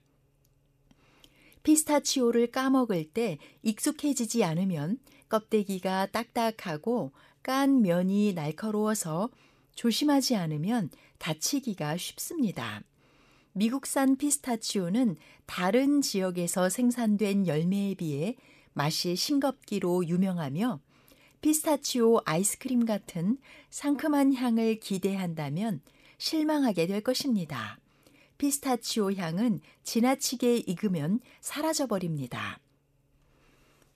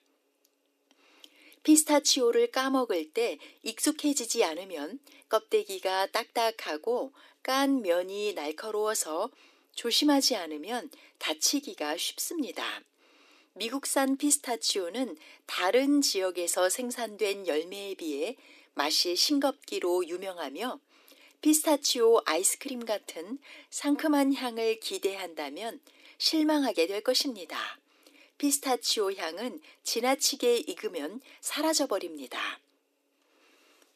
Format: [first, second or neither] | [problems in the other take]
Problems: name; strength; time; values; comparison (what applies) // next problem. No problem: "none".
first | thin; very slightly; fading below 300 Hz